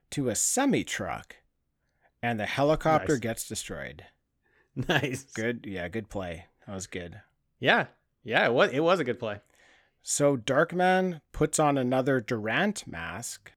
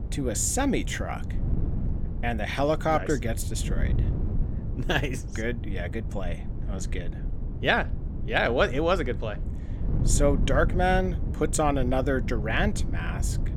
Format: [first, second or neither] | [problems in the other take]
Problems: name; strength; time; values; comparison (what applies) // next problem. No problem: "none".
first | wind noise on the microphone; occasional gusts; 15 dB below the speech